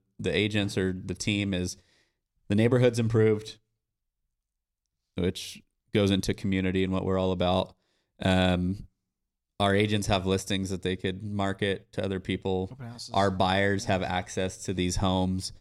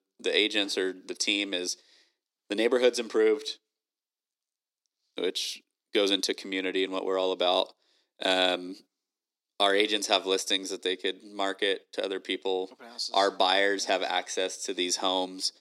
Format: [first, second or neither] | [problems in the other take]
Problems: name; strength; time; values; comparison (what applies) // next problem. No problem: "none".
first | thin; somewhat; fading below 300 Hz